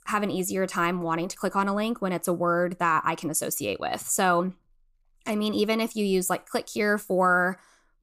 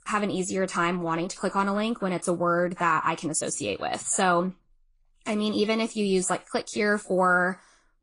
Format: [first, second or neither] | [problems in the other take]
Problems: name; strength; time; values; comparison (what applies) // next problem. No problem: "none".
first | garbled, watery; slightly; nothing above 10.5 kHz